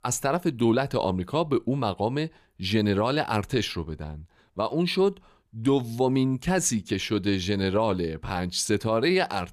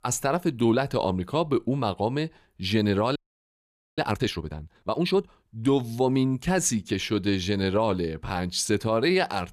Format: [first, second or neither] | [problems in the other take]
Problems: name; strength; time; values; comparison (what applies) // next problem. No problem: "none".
first | audio freezing; at 3 s for 1 s